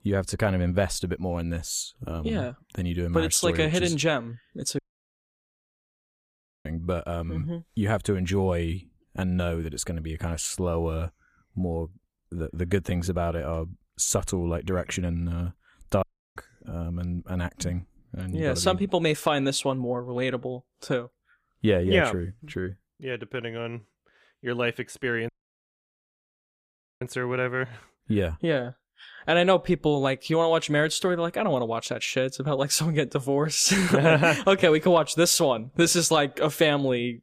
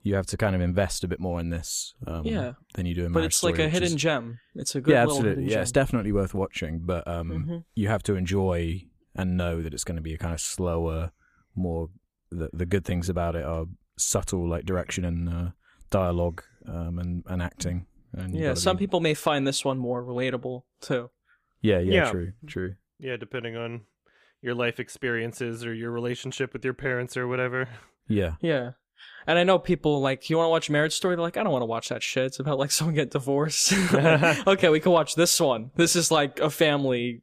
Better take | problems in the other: second | audio cutting out; at 5 s for 2 s, at 16 s and at 25 s for 1.5 s

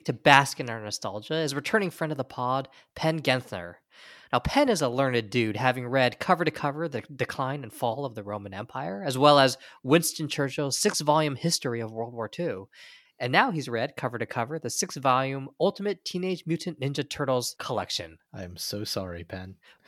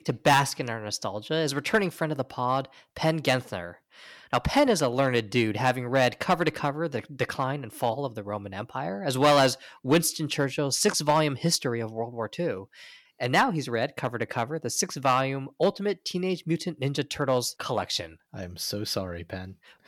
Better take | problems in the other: first | distortion; slight; 1.3% of the sound clipped

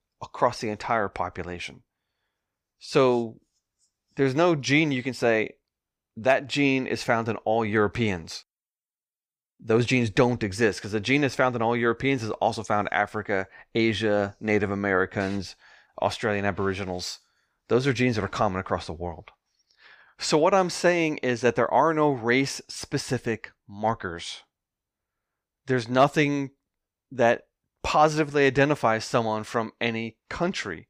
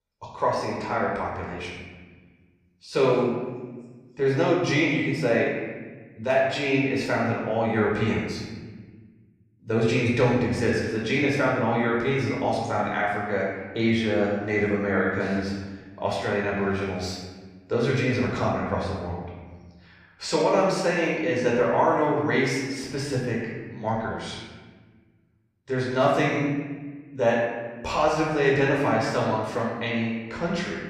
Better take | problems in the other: first | off-mic speech; far // room echo; noticeable; dies away in 1.3 s

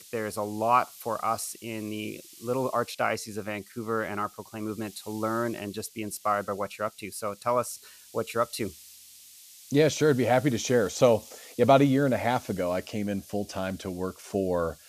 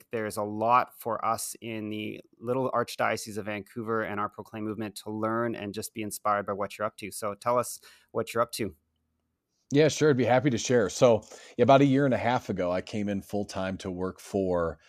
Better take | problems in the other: second | hiss; faint; throughout; 20 dB below the speech

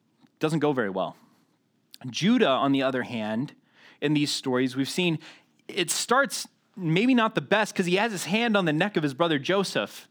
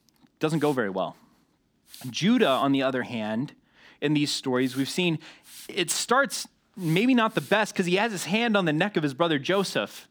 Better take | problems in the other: first | hiss; faint; throughout; 25 dB below the speech

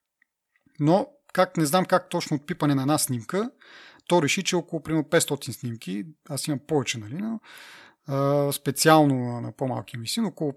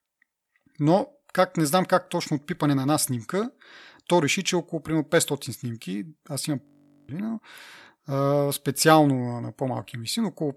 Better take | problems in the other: first | audio freezing; at 6.5 s

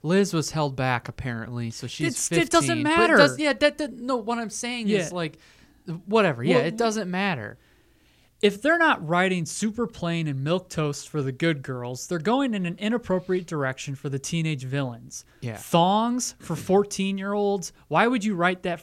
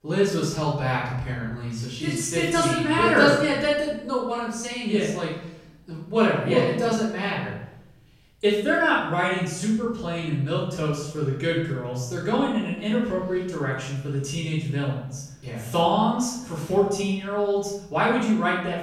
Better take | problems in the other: first | off-mic speech; far // room echo; noticeable; dies away in 0.7 s

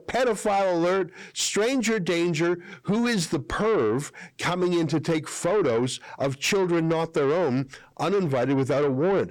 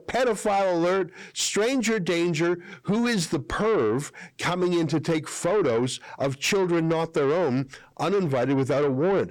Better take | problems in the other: neither | distortion; slight; 10 dB below the speech; the same in both

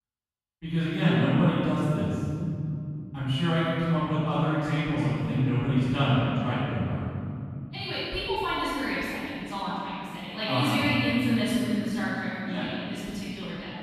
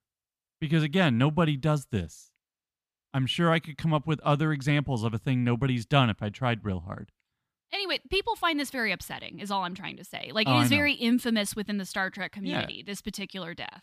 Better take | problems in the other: second | off-mic speech; far // room echo; strong; dies away in 3 s

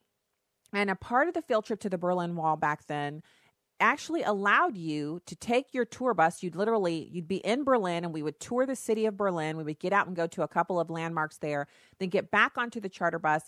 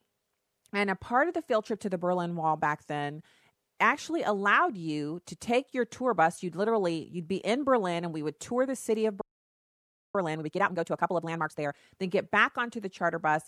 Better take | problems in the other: first | audio freezing; at 9 s for 1 s

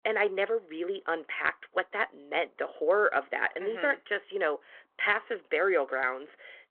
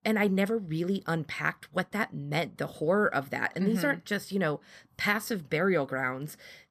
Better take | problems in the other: second | phone-call audio

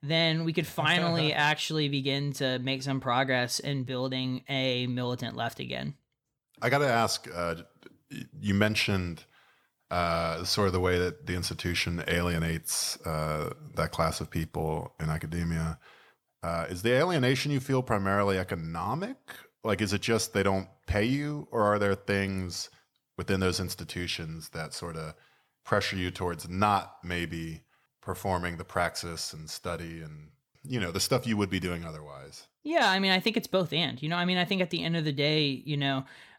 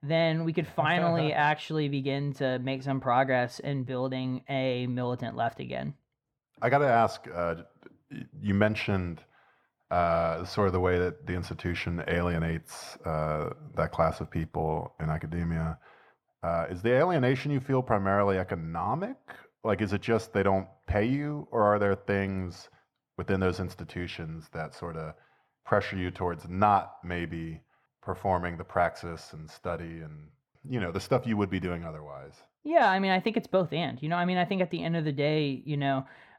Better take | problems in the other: first | muffled; very; fading above 3 kHz

